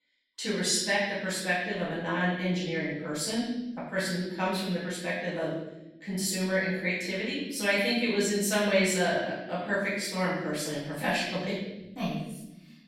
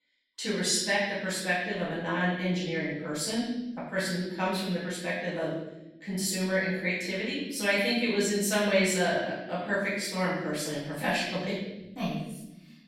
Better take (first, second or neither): neither